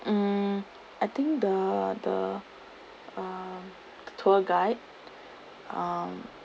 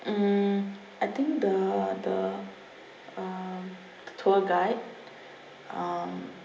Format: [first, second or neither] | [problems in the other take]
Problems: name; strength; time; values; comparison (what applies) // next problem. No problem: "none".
first | room echo; dies away in 0.8 s